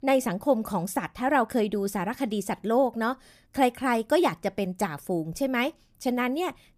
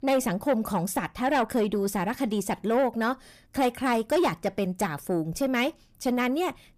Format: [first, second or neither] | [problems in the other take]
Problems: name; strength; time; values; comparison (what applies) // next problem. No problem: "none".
first | distortion; slight; 10 dB below the speech